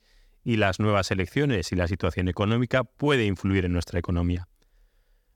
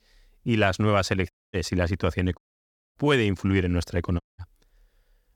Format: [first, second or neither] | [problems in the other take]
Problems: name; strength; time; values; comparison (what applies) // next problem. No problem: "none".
first | audio cutting out; at 1.5 s, at 2.5 s for 0.5 s and at 4 s